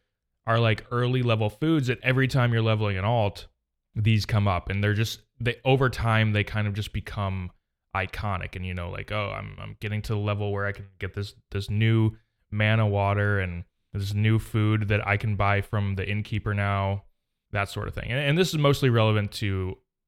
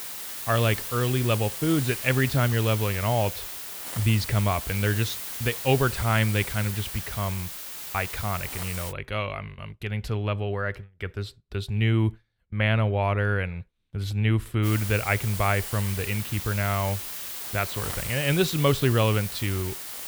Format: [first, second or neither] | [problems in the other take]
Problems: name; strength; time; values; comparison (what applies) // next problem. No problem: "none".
first | hiss; loud; until 9 s and from 15 s on; 6 dB below the speech